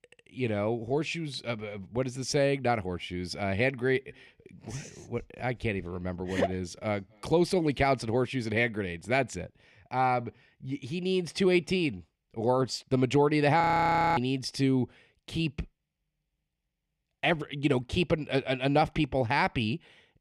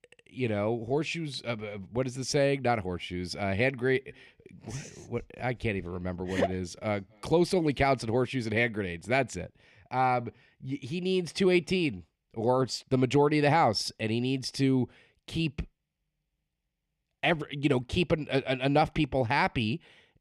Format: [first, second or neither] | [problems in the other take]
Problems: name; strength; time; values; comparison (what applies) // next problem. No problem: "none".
second | audio freezing; at 14 s for 0.5 s